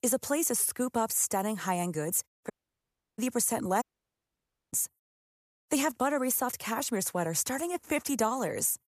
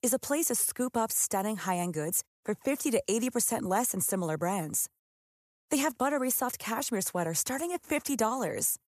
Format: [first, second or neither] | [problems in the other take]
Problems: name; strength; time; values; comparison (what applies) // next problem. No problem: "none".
second | audio cutting out; at 2.5 s for 0.5 s and at 4 s for 1 s